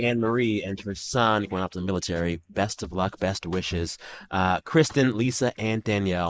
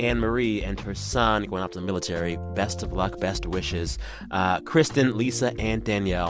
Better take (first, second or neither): second